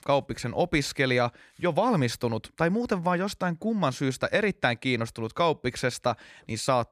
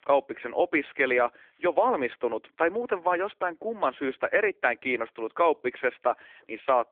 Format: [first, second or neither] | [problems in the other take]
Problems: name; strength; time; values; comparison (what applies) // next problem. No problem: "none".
first | phone-call audio; nothing above 3.5 kHz